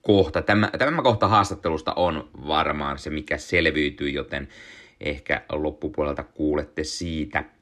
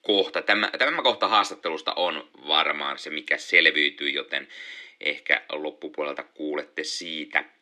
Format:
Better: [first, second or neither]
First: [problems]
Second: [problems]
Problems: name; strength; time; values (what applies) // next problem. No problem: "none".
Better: first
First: none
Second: thin; somewhat; fading below 300 Hz